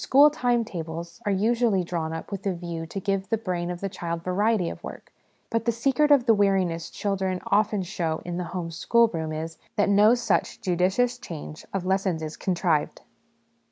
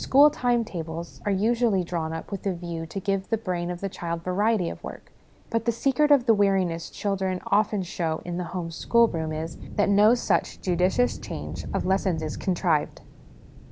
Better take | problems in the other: first | background sound (Thunder / Rain); 14 dB below the speech

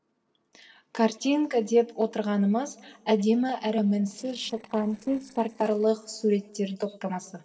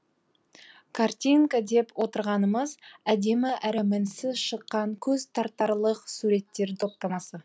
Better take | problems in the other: second | noise reduction (neural separator model SepFormer DNS4)

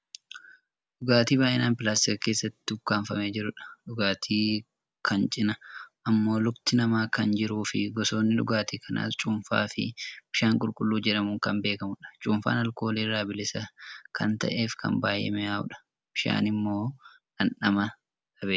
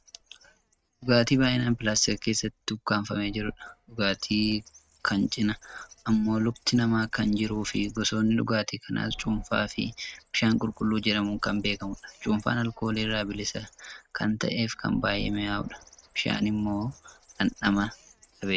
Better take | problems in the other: first | noise reduction (neural mask model RNNoise)

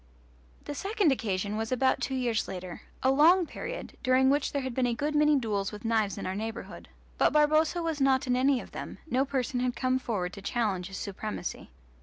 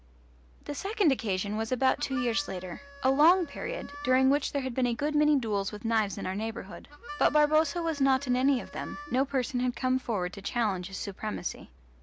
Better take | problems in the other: first | background sound (Harmonica); 18 dB below the speech

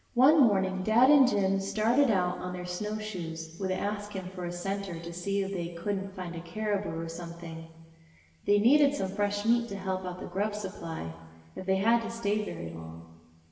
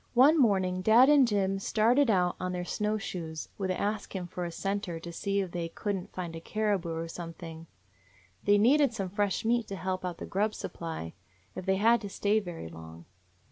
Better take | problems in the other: second | room echo; dies away in 1.4 s

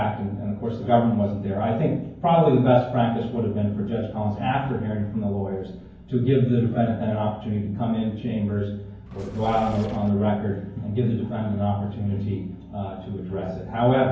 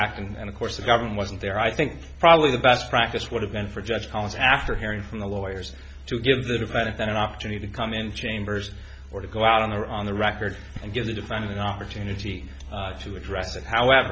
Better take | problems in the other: second | background sound (Engine / Mechanisms); 15 dB below the speech // room echo; dies away in 0.9 s

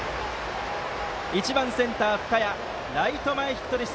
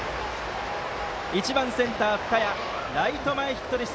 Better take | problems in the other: first | background sound (Zipper (clothing)); 13 dB below the speech

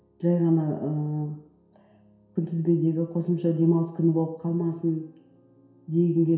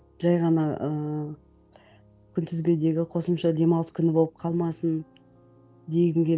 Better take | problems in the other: second | room echo; dies away in 0.7 s

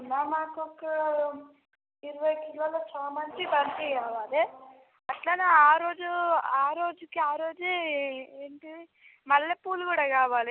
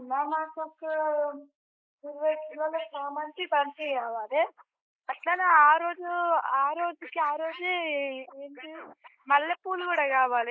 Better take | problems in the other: first | noise reduction (neural mask model Resemble Enhance denoiser)

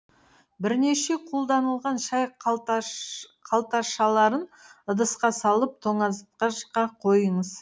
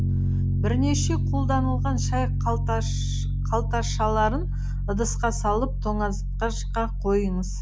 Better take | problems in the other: first | background sound (Piano); 3 dB above the speech

